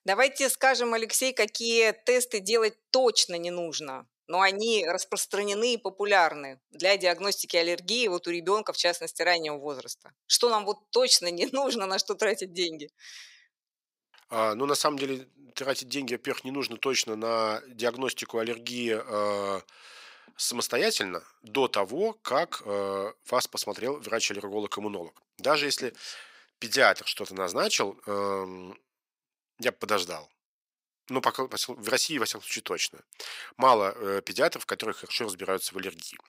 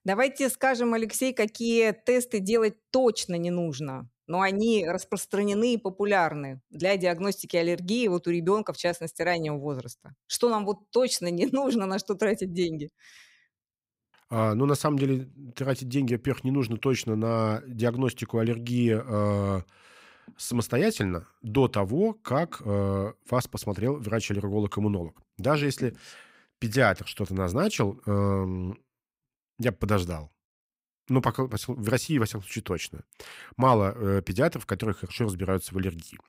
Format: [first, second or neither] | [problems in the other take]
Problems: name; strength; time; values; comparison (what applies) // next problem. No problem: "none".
second | thin; somewhat; fading below 450 Hz